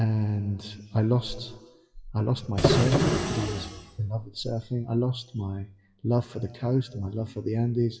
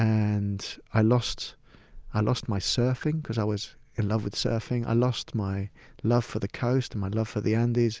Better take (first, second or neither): second